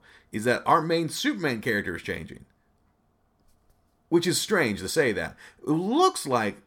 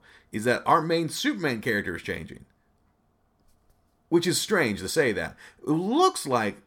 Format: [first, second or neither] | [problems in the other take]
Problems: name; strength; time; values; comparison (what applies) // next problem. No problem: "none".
neither | none